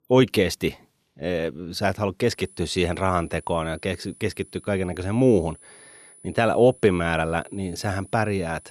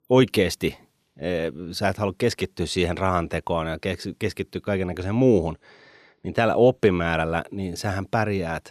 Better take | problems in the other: second | high-pitched whine; faint; from 2.5 s on; 10 kHz, 25 dB below the speech

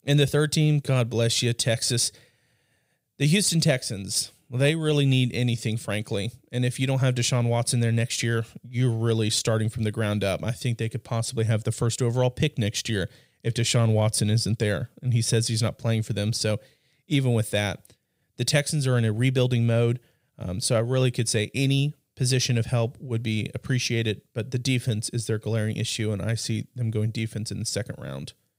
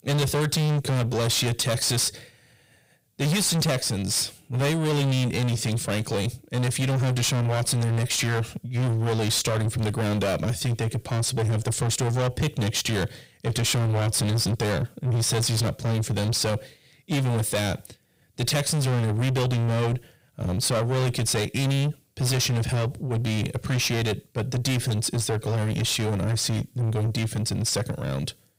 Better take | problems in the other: first | distortion; heavy; 6 dB below the speech

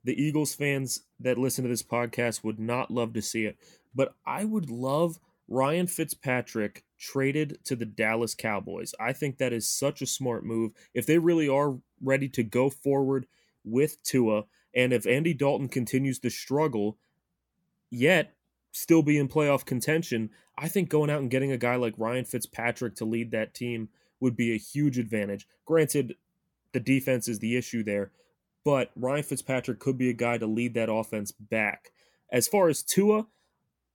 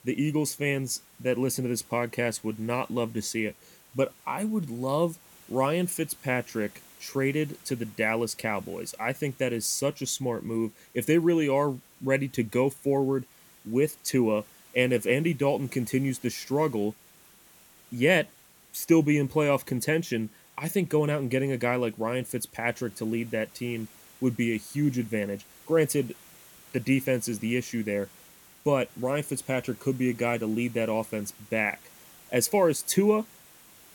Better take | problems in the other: first | hiss; faint; throughout; 25 dB below the speech

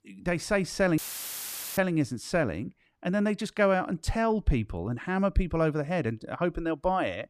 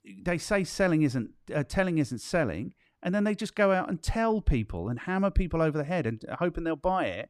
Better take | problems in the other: second | audio cutting out; filled with static; at 1 s for 1 s

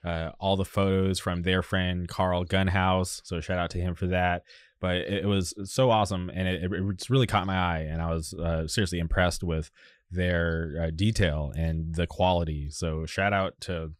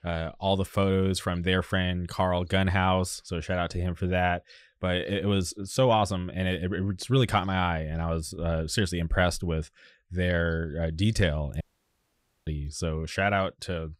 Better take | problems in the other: first | audio cutting out; at 12 s for 1 s

